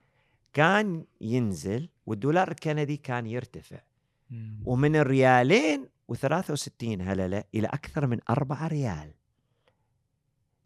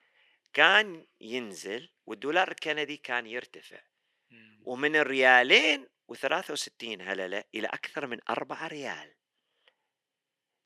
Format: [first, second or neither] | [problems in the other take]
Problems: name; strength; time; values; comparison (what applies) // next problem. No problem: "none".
first | thin; somewhat; fading below 350 Hz